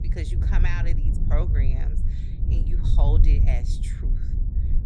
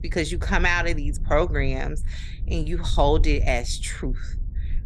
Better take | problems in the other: second | low rumble; loud; throughout; 4 dB below the speech; faint in the second

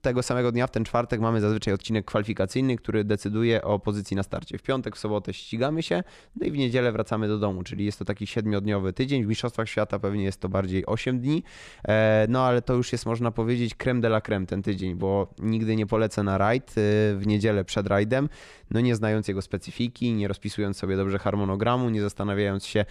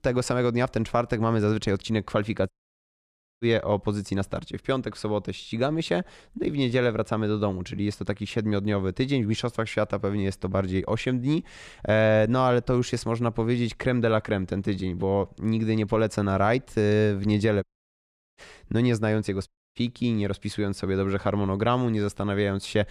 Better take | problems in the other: first | audio cutting out; at 2.5 s for 1 s, at 18 s for 0.5 s and at 19 s

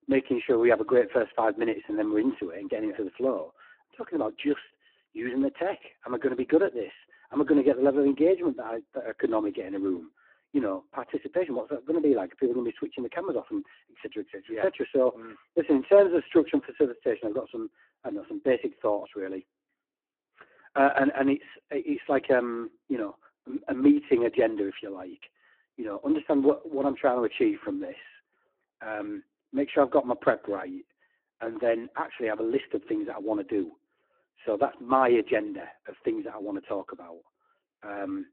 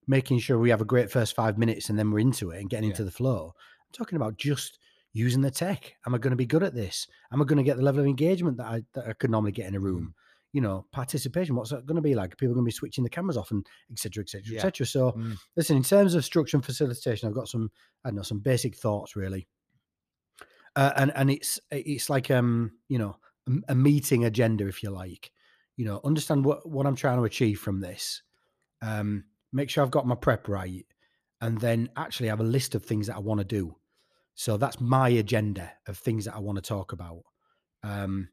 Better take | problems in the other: second | phone-call audio; poor line

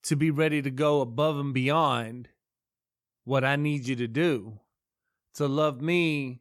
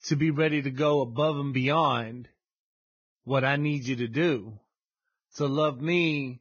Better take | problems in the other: first | garbled, watery; badly; nothing above 6.5 kHz

